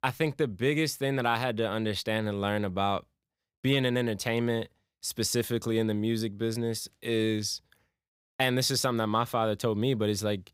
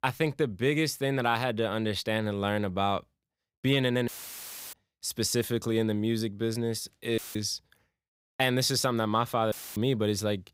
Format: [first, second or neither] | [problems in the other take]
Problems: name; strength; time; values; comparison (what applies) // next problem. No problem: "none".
first | audio cutting out; filled with static; at 4 s for 0.5 s, at 7 s and at 9.5 s